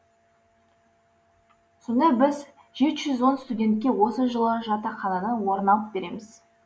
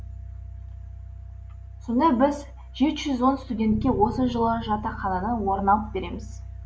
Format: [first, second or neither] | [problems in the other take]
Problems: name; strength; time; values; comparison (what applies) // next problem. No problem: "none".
first | background sound (Bass guitar); 11 dB below the speech